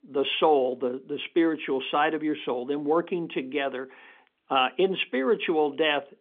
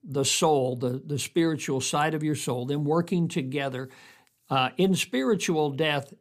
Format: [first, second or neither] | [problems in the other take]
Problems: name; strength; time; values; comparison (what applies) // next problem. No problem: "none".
second | phone-call audio; nothing above 3.5 kHz